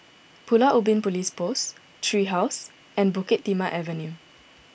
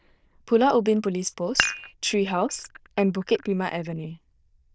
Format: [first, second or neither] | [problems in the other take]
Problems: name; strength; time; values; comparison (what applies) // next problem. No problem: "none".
first | noise reduction (neural diffusion model UNIVERSE++)